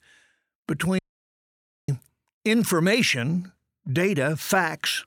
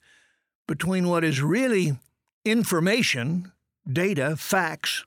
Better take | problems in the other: second | audio cutting out; at 1 s for 1 s

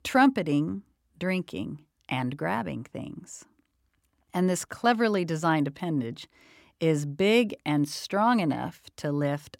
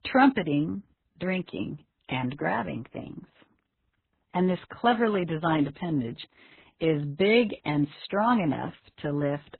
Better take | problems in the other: first | garbled, watery; badly; nothing above 4 kHz

